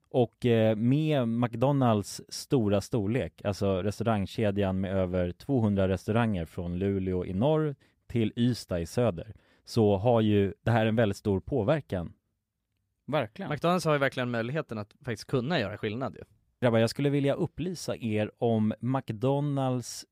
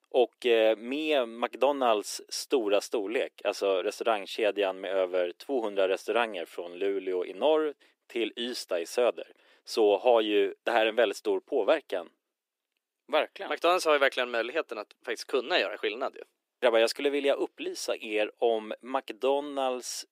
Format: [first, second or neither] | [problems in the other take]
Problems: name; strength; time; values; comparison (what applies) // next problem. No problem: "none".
first | thin; very; fading below 350 Hz